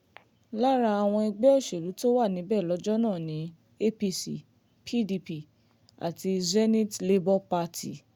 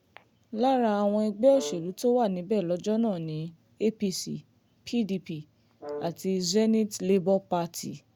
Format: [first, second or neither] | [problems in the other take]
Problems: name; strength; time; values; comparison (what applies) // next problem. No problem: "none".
first | background sound (Brass instrument); 16 dB below the speech